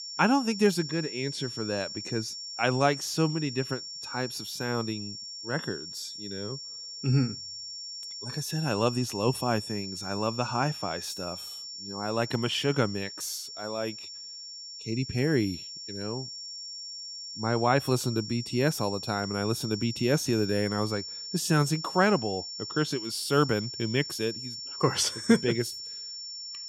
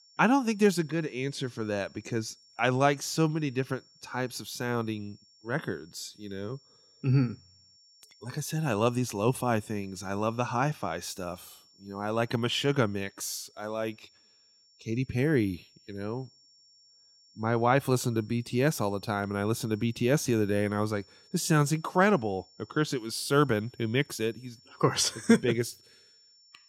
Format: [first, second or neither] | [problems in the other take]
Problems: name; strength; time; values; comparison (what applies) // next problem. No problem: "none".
second | high-pitched whine; loud; throughout; 5.5 kHz, 8 dB below the speech; faint in the second